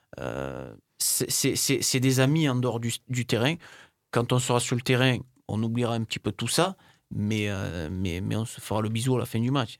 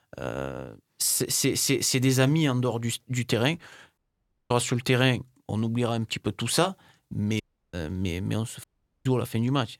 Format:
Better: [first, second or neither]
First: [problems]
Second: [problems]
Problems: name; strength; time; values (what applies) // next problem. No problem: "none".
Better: first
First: none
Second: audio cutting out; at 4 s for 0.5 s, at 7.5 s and at 8.5 s